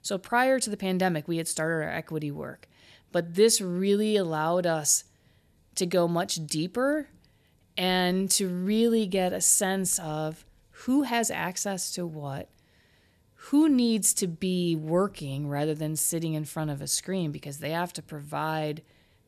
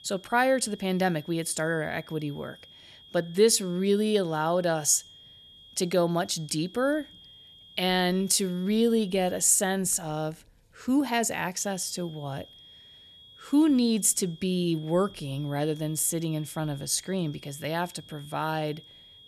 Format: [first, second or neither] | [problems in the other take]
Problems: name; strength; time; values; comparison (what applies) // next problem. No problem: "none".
first | high-pitched whine; faint; until 9.5 s and from 12 s on; 3.5 kHz, 25 dB below the speech